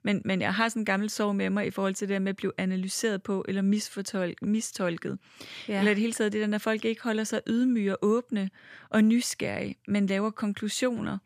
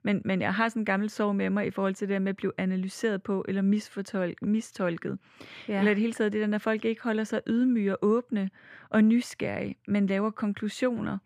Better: first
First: none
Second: muffled; slightly; fading above 3.5 kHz

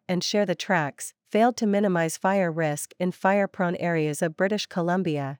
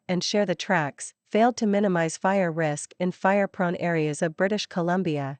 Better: first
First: none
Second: garbled, watery; slightly; nothing above 8.5 kHz

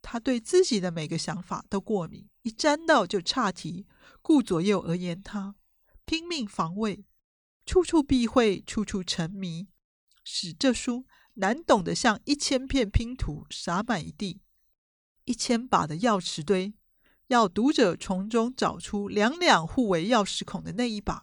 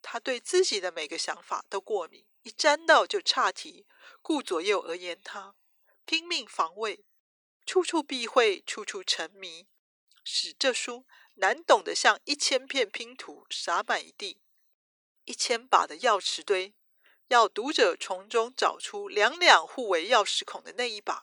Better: first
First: none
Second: thin; very; fading below 350 Hz

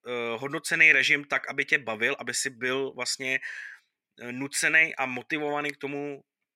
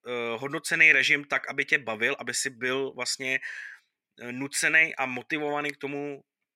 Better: neither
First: thin; somewhat; fading below 600 Hz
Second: thin; somewhat; fading below 600 Hz

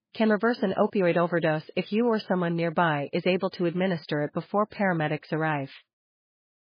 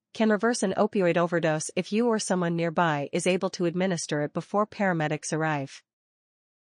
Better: second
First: garbled, watery; badly; nothing above 5 kHz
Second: garbled, watery; slightly; nothing above 8.5 kHz

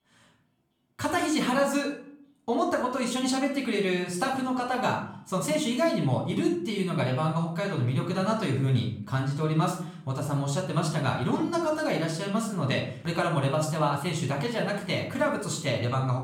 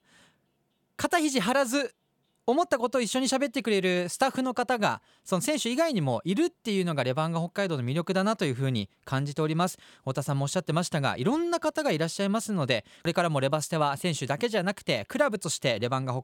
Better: second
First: off-mic speech; far // room echo; slight; dies away in 0.5 s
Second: none

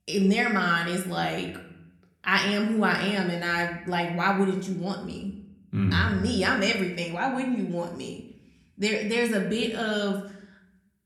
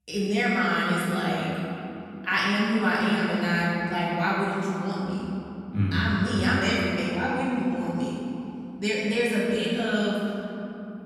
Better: first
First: room echo; slight; dies away in 0.6 s // off-mic speech; somewhat distant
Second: room echo; strong; dies away in 3 s // off-mic speech; far

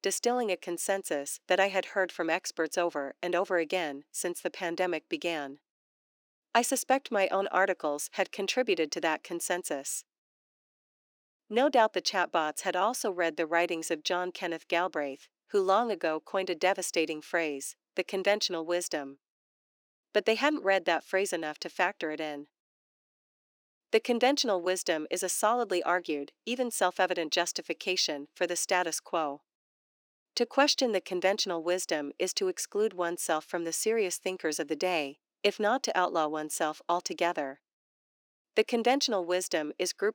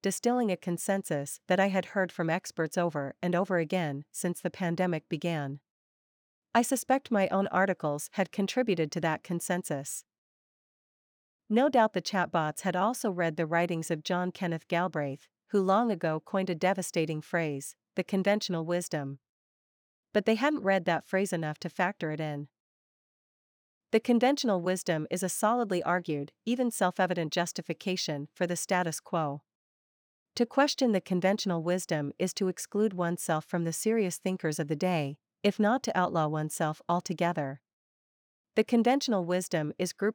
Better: second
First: thin; somewhat; fading below 300 Hz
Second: none

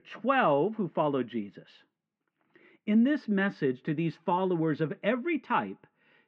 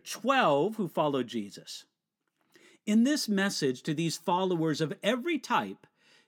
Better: second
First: muffled; very; fading above 2.5 kHz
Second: none

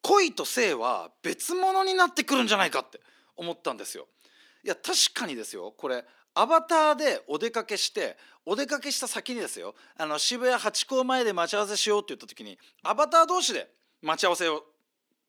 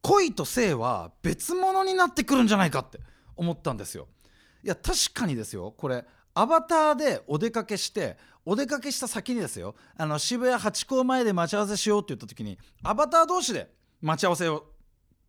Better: second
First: thin; somewhat; fading below 300 Hz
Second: none

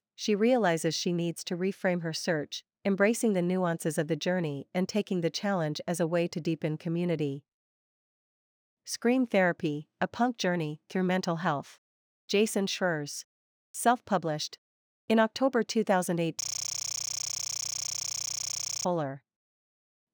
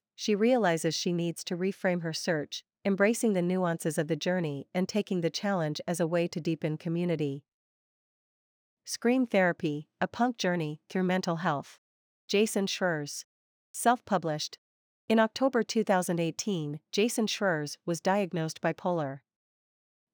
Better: second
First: audio freezing; at 16 s for 2.5 s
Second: none

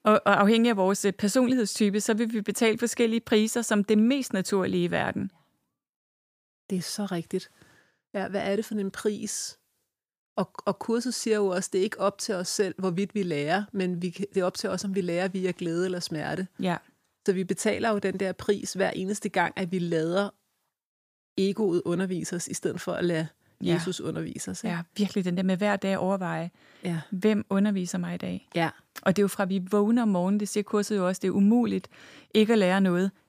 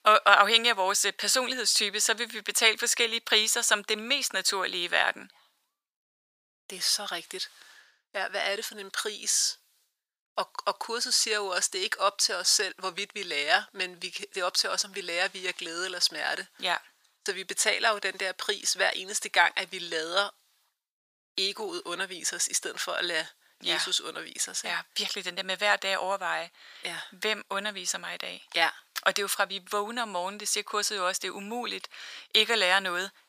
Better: first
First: none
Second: thin; very; fading below 950 Hz

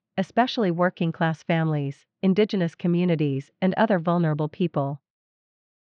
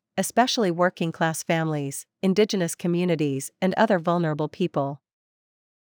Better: second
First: muffled; slightly; fading above 4 kHz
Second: none

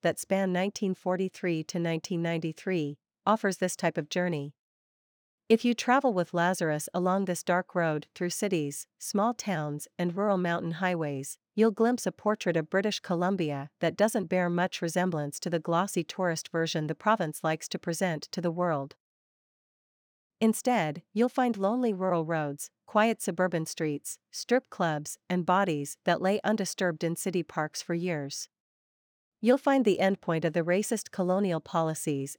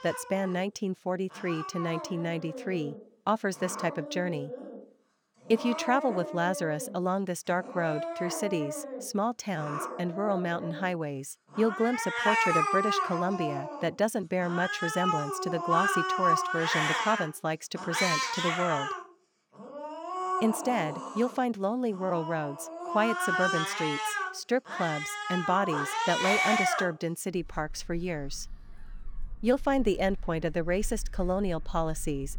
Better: first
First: none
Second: animal sounds; loud; throughout; 1 dB below the speech

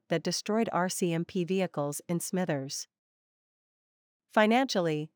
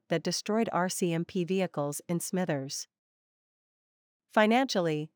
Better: neither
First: none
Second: none

